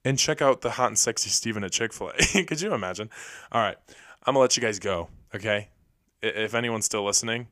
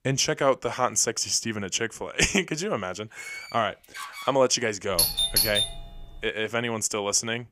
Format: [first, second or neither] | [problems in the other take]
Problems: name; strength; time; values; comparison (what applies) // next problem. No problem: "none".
first | door banging; faint; from 3 to 4.5 s; peak 10 dB below the speech // doorbell; loud; from 5 to 6 s; peak 5 dB above the speech